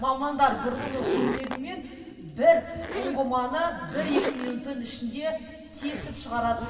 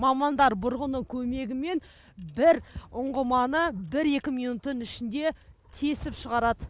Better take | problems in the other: second | background sound (Zipper (clothing)); 7 dB below the speech // room echo; dies away in 2.4 s

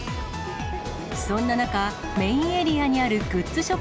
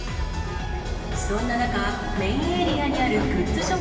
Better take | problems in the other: first | background sound (Bark); 15 dB below the speech // room echo; dies away in 2.6 s

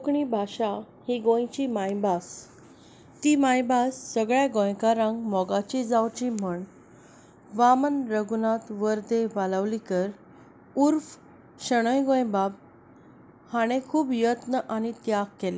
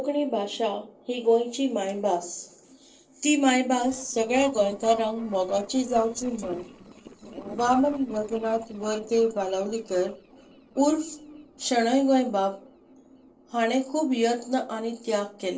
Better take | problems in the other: first | noise reduction (neural separator model SepFormer DNS4)

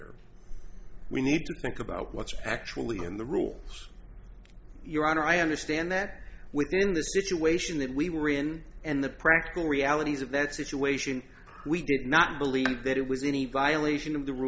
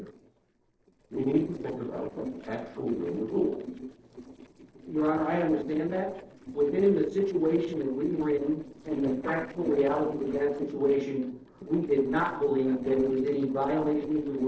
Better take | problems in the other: first | noise reduction (neural separator model SepFormer DNS4)

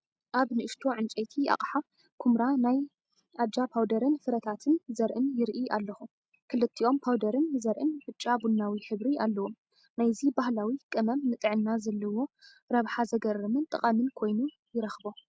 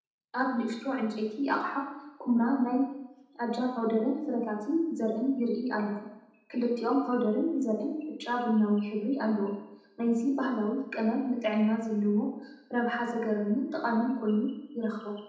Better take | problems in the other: first | room echo; dies away in 0.9 s

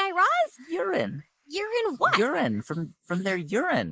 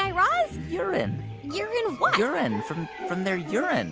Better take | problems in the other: second | noise reduction (neural mask model Resemble Enhance denoiser)

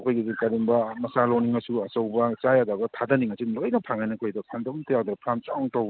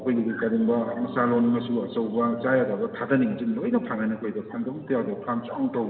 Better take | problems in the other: first | background sound (Piano); 18 dB below the speech // room echo; dies away in 3 s

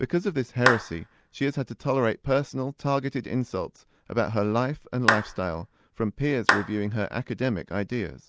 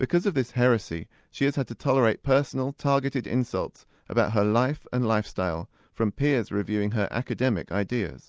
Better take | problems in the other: second | background sound (Clapping); 2 dB below the speech

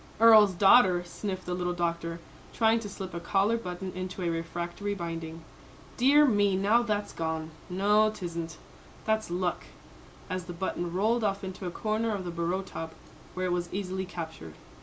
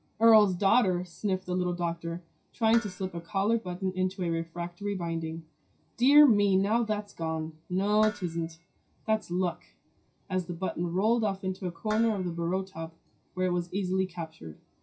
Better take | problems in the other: first | noise reduction (classical method WPE with log-MMSE)

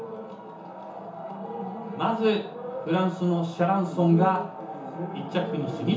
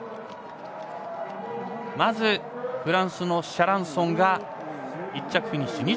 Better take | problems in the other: second | room echo; dies away in 0.7 s

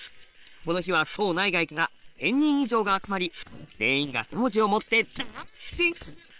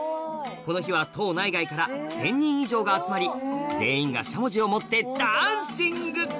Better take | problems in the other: second | noise reduction (neural separator model SepFormer WHAM!)

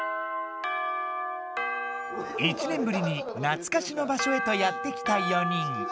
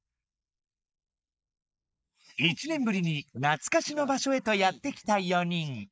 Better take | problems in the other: first | noise reduction (neural mask model Resemble Enhance denoiser)

